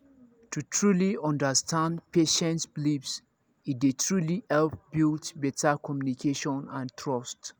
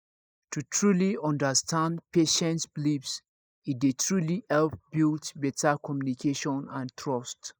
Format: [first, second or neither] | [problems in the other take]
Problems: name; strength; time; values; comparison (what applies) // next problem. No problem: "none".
first | noise reduction (neural mask model Resemble Enhance denoiser)